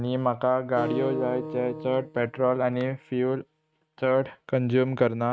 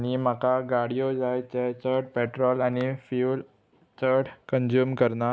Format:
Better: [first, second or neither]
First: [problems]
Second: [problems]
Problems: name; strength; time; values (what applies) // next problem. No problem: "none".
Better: second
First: noise reduction (neural mask model RNNoise)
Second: none